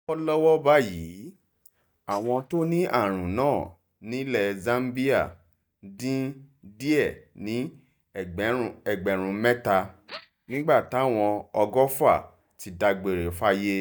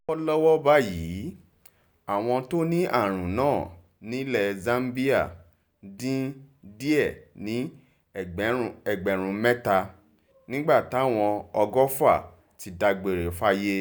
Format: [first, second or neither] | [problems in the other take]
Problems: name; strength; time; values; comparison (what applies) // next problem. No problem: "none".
second | noise reduction (neural mask model DeepFilterNet 3)